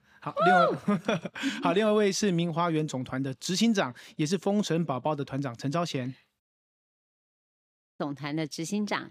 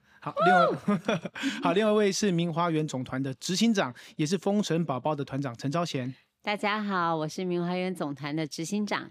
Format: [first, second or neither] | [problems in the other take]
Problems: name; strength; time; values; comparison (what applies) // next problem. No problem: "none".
second | audio cutting out; at 6.5 s for 1.5 s